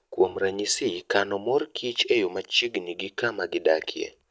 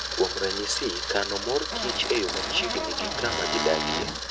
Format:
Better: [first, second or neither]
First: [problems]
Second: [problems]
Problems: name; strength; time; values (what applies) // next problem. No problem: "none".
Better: first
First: none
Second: background sound (Camera + Squeak / Cupboard open or close); as loud as the speech